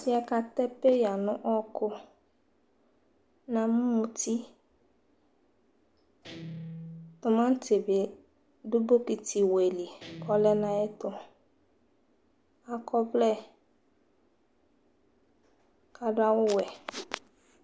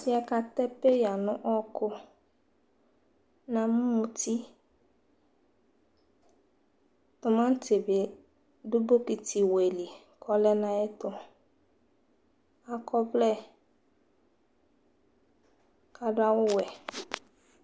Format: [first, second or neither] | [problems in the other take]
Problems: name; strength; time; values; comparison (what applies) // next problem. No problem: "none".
second | background sound (Guitar); 16 dB below the speech